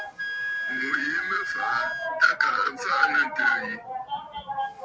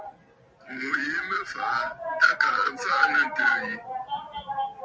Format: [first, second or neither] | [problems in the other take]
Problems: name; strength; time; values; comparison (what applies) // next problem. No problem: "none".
second | background sound (Wind instrument, woodwind instrument); 8 dB below the speech